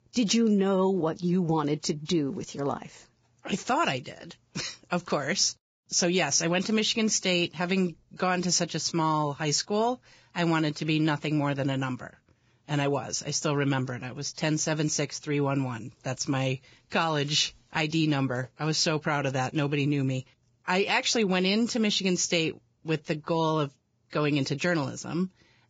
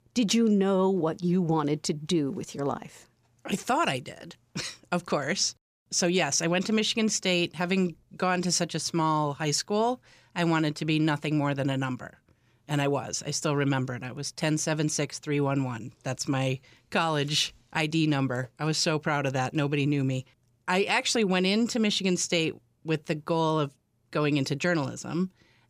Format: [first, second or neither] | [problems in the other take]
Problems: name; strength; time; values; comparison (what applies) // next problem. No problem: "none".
second | garbled, watery; badly; nothing above 7.5 kHz